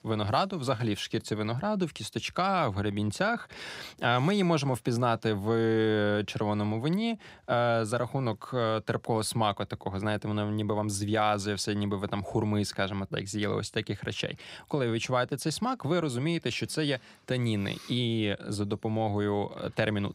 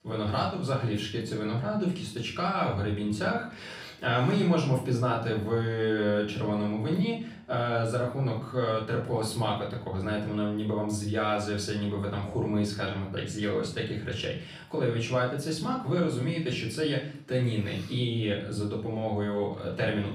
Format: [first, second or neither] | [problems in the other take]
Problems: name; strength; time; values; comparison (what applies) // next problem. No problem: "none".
first | off-mic speech; far // room echo; slight; dies away in 0.5 s